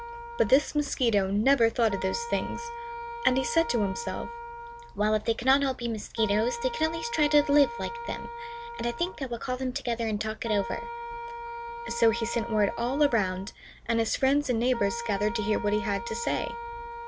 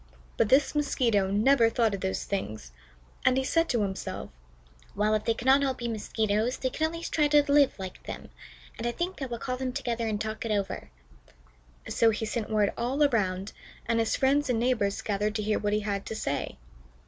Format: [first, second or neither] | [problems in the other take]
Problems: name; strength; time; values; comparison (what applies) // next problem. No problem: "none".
second | background sound (Wind instrument, woodwind instrument); 11 dB below the speech